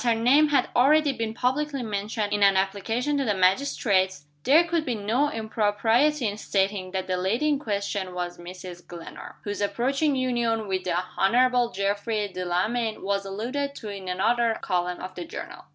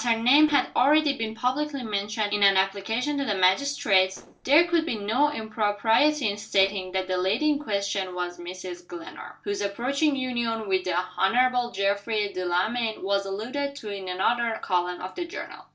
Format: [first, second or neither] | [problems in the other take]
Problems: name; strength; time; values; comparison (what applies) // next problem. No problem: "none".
first | noise reduction (neural separator model SepFormer DNS4)